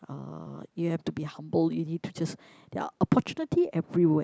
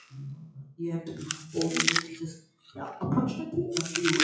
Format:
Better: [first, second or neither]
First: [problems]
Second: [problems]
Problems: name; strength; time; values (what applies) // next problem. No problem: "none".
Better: first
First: none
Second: noise reduction (classical method WPE with log-MMSE)